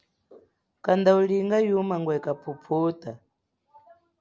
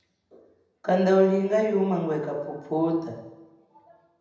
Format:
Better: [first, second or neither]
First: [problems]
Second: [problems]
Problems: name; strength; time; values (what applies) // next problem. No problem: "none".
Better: first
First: none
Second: room echo; dies away in 0.8 s